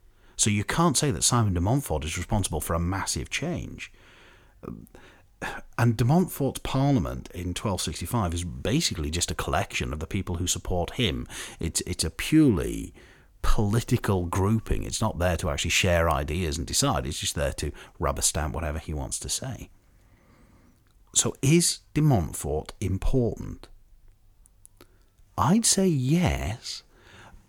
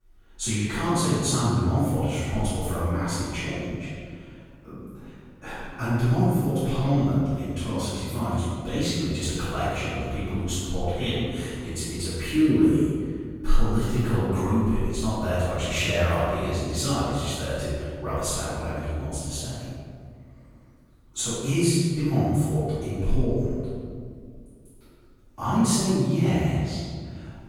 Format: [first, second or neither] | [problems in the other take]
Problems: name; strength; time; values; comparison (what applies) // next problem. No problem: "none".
first | off-mic speech; far // room echo; strong; dies away in 1.9 s